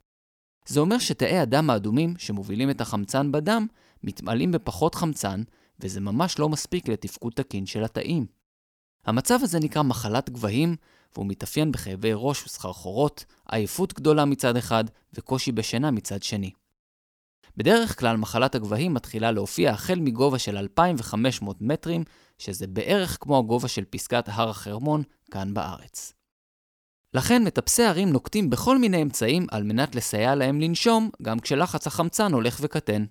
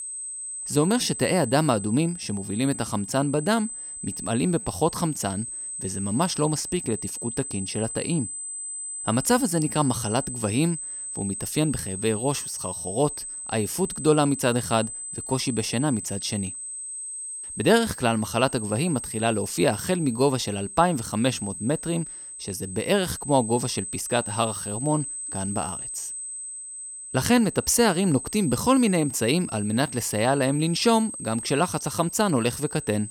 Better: first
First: none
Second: high-pitched whine; loud; throughout; 8 kHz, 8 dB below the speech

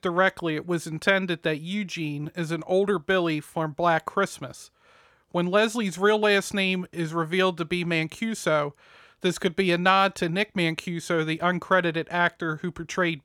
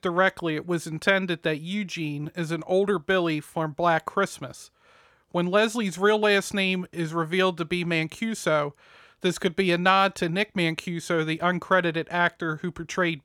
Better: neither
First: none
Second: none

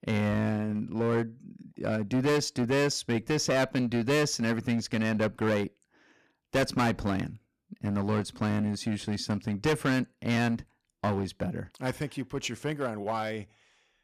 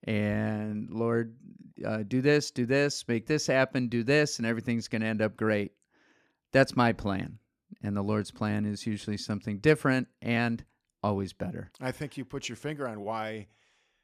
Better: second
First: distortion; heavy; 9% of the sound clipped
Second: none

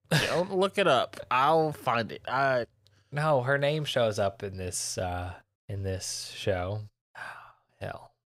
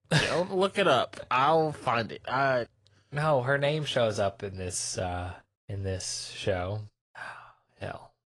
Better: first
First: none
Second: garbled, watery; slightly; nothing above 10.5 kHz

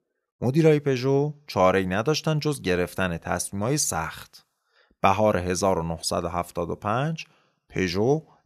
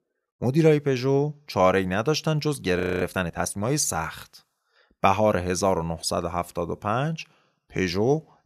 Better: first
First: none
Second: audio freezing; at 3 s

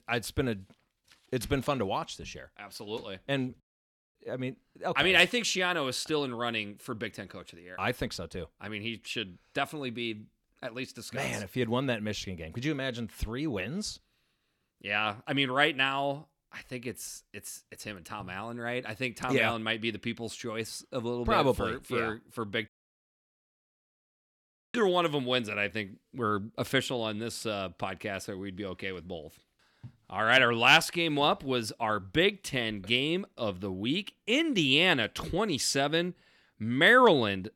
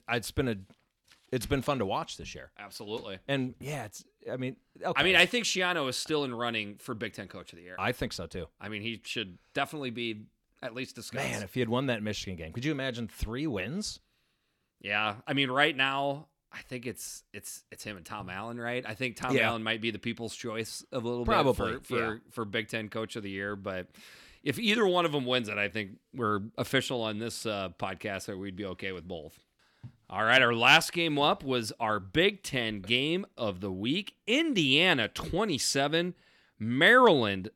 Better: second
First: audio cutting out; at 3.5 s for 0.5 s and at 23 s for 2 s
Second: none

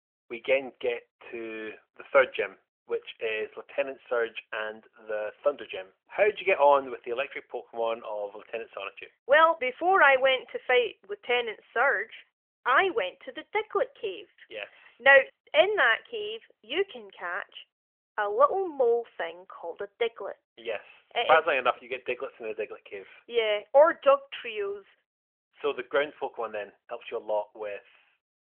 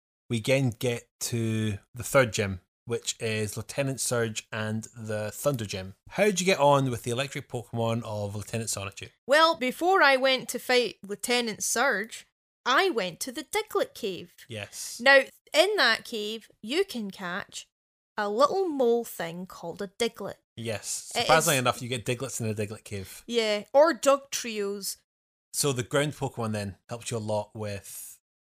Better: second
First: phone-call audio; nothing above 3.5 kHz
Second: none

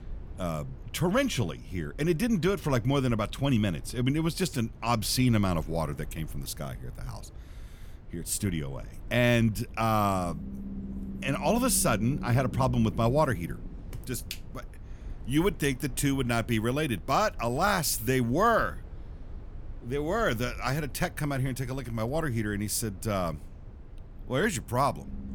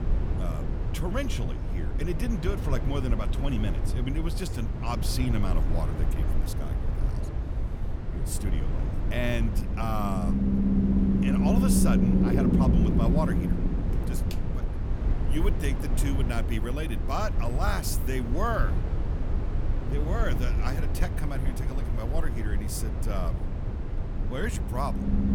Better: first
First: low rumble; faint; throughout; 25 dB below the speech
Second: low rumble; loud; throughout; 3 dB below the speech

